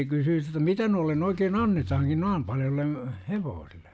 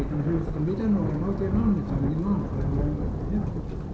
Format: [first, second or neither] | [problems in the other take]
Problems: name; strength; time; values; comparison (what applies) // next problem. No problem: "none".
first | background sound (Thunder); 2 dB below the speech // room echo; dies away in 0.6 s